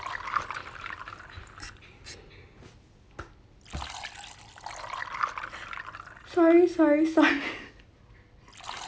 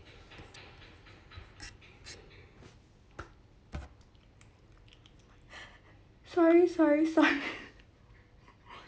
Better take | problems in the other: second | background sound (Liquid); 11 dB below the speech

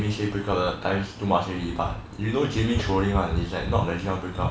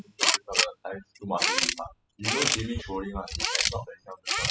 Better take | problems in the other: first | noise reduction (classical method spectral subtraction)

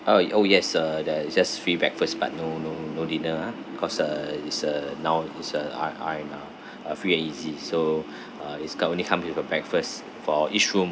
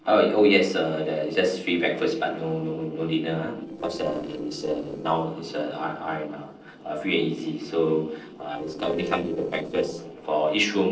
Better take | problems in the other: first | noise reduction (neural separator model SepFormer DNS4)

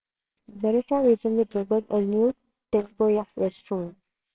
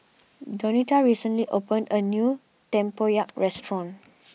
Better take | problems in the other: second | noise reduction (neural separator model SepFormer WHAMR!)

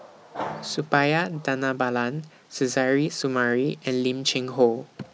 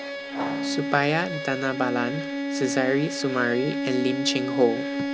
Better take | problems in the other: first | background sound (Bowed string instrument); 3 dB below the speech

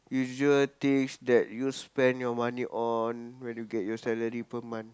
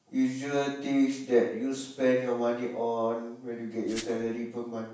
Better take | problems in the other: first | background sound (Glass); 17 dB below the speech // room echo; dies away in 0.7 s

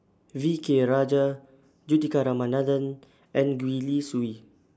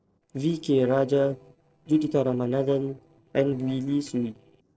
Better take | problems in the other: first | noise reduction (neural separator model SepFormer DNS4)

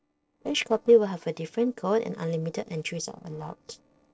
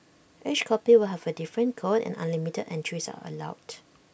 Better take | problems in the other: second | noise reduction (neural separator model SepFormer DNS4)

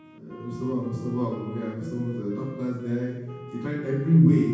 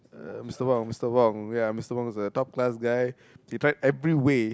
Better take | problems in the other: second | background sound (Wind instrument, woodwind instrument); 19 dB below the speech // room echo; dies away in 1.2 s

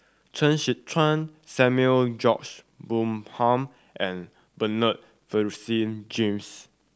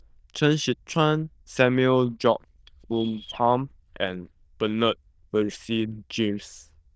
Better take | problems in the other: first | noise reduction (neural diffusion model UNIVERSE++)

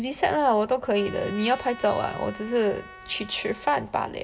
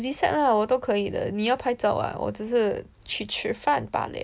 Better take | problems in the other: second | background sound (Trumpet); 18 dB below the speech // room echo; dies away in 1 s

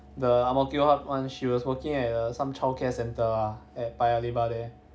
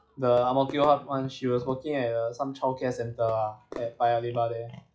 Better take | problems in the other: first | noise reduction (classical method log-MMSE)

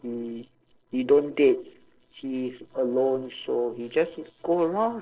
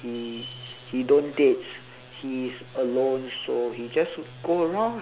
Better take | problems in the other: second | noise reduction (neural separator model SepFormer DNS4)

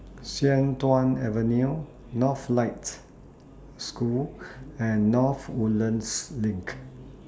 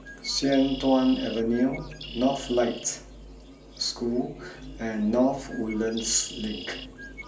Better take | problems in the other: first | background sound (Bird); 16 dB below the speech // room echo; dies away in 0.3 s

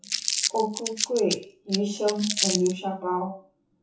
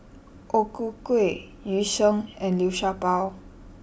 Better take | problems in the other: second | noise reduction (classical method WPE with log-MMSE)

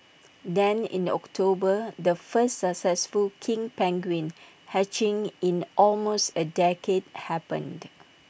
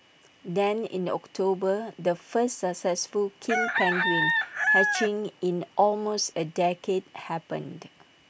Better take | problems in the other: first | background sound (Chicken, rooster); 1 dB above the speech

